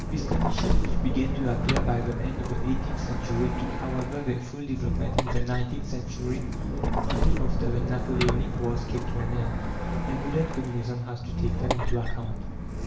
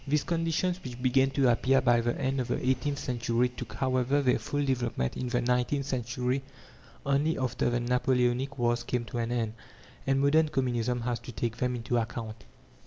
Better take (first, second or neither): second